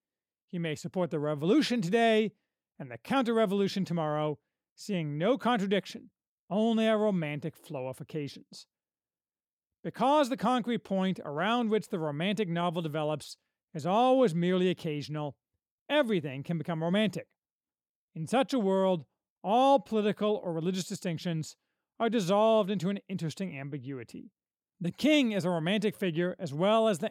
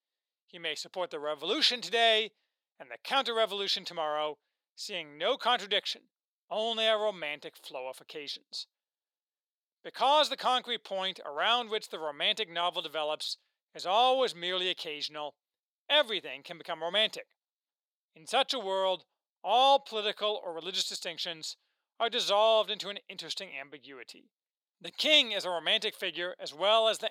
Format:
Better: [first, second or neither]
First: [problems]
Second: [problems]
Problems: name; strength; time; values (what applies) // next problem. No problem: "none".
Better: first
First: none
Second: thin; very; fading below 700 Hz